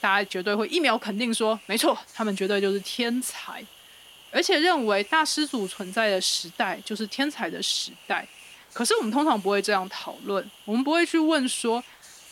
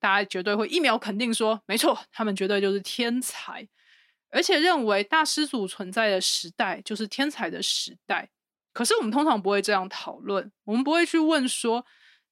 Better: second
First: hiss; faint; throughout; 20 dB below the speech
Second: none

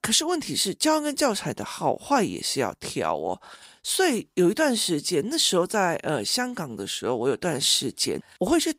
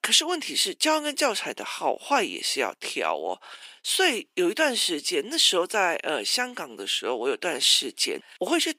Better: first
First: none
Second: thin; somewhat; fading below 300 Hz

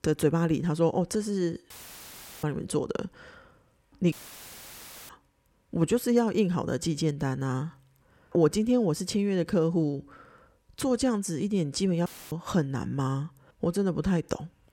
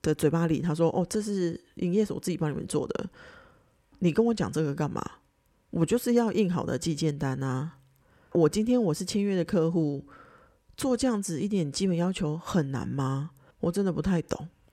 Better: second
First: audio cutting out; filled with static; at 1.5 s for 0.5 s, at 4 s for 1 s and at 12 s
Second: none

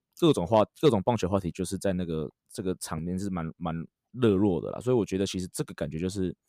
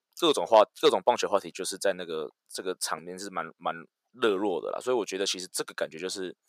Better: first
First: none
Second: thin; very; fading below 600 Hz

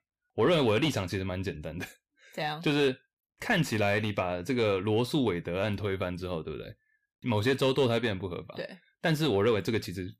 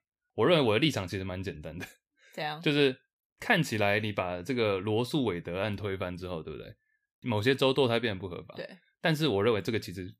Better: second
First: distortion; slight; 10 dB below the speech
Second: none

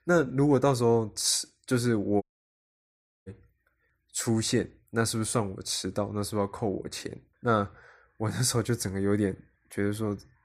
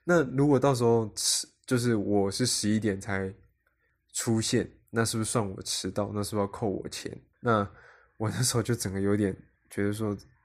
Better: second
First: audio cutting out; at 2 s for 1 s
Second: none

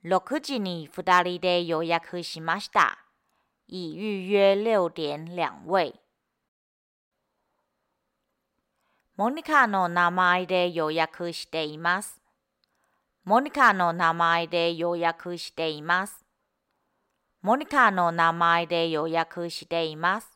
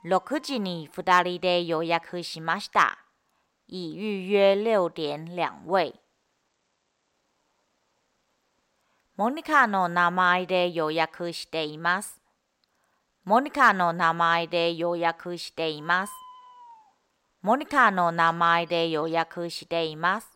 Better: first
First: none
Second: animal sounds; faint; throughout; 25 dB below the speech

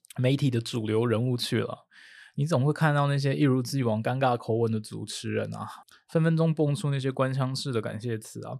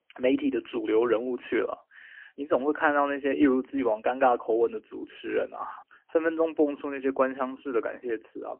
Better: first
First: none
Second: phone-call audio; poor line; nothing above 3 kHz

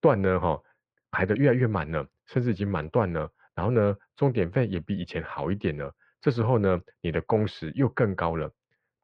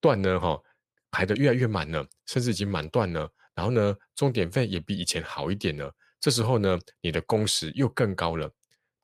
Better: second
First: muffled; very; fading above 2 kHz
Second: none

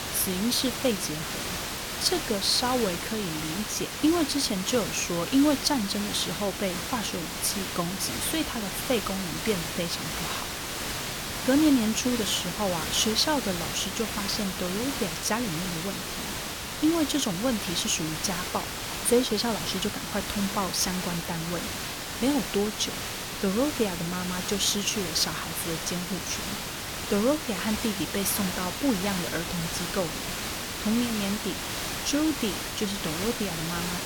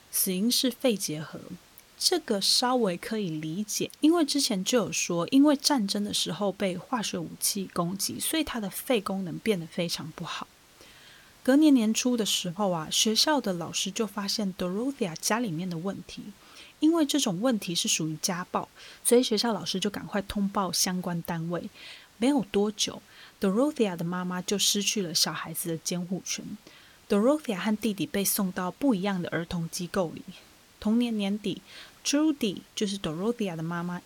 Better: second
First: hiss; loud; throughout; 3 dB below the speech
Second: hiss; faint; throughout; 30 dB below the speech

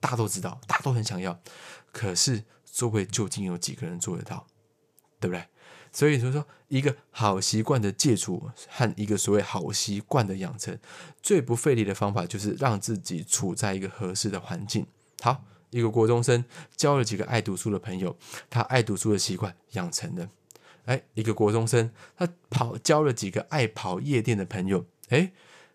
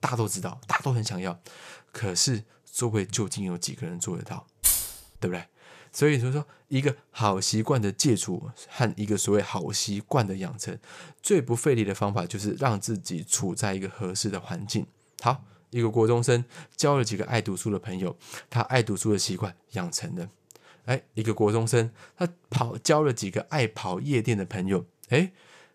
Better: first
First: none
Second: jangling keys; loud; at 4.5 s; peak 5 dB above the speech

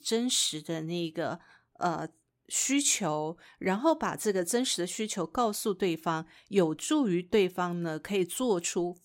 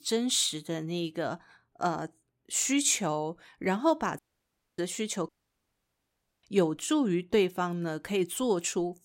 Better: first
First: none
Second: audio cutting out; at 4 s for 0.5 s and at 5.5 s for 1 s

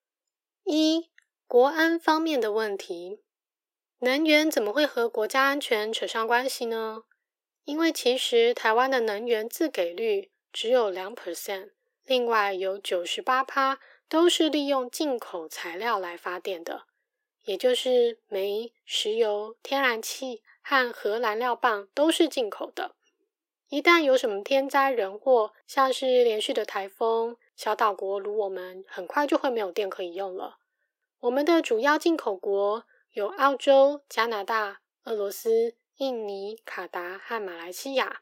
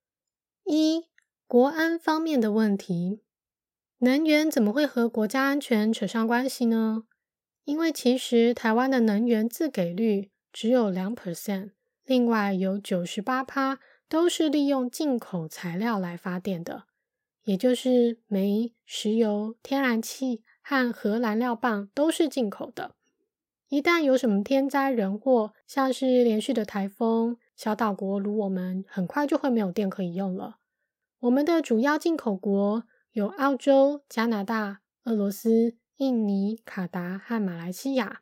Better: second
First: thin; somewhat; fading below 350 Hz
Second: none

